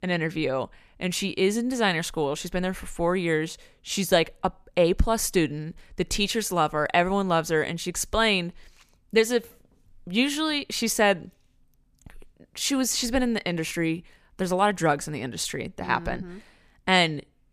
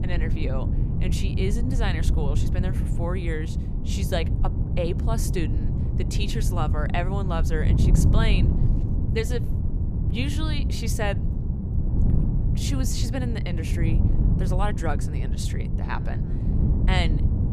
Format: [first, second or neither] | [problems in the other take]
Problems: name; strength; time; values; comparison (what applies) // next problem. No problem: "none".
first | wind noise on the microphone; heavy; 5 dB below the speech